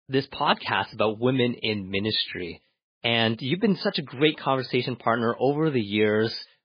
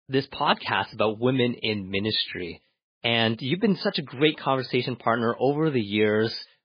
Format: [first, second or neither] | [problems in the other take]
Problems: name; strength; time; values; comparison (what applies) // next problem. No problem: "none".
neither | garbled, watery; badly; nothing above 4 kHz; the same in both